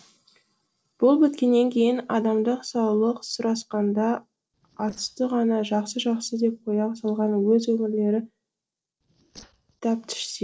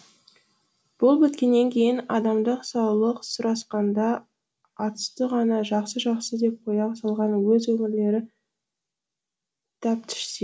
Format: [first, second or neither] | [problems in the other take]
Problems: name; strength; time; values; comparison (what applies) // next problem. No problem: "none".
second | noise reduction (neural separator model SepFormer DNS4)